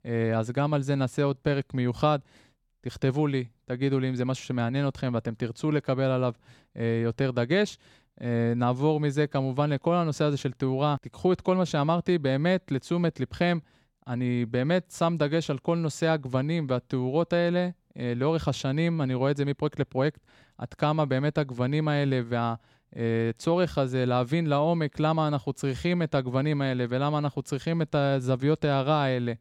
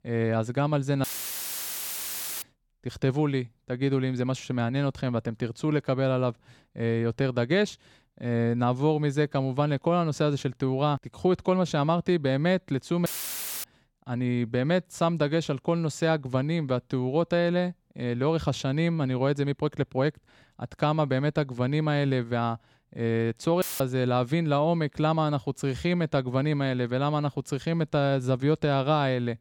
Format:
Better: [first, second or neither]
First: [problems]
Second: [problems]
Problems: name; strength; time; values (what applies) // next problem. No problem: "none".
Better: first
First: none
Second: audio cutting out; filled with static; at 1 s for 1.5 s, at 13 s for 0.5 s and at 24 s